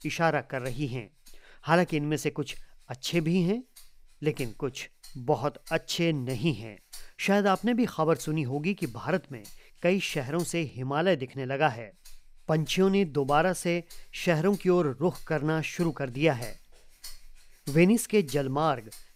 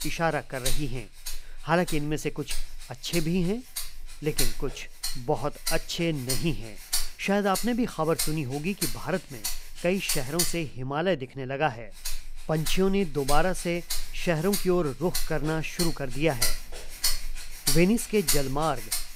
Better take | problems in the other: first | background music; loud; throughout; 4 dB below the speech; faint in the first

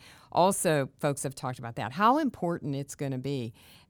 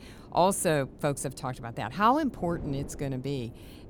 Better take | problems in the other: first | wind noise on the microphone; occasional gusts; 20 dB below the speech

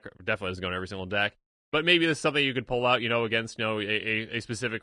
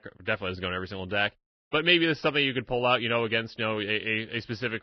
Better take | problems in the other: first | garbled, watery; badly; nothing above 5.5 kHz; slightly in the first

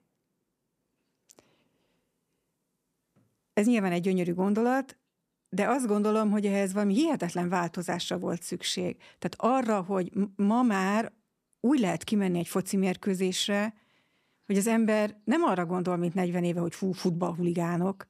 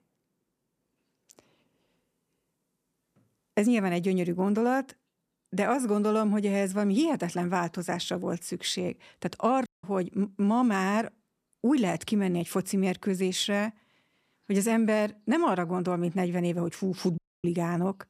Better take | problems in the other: first | audio cutting out; at 9.5 s and at 17 s

